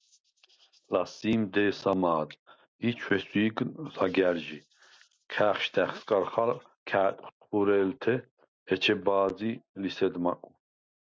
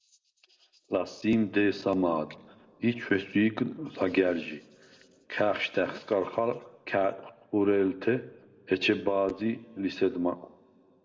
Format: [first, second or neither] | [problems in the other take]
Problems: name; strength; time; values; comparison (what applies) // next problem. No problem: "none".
first | room echo; dies away in 1 s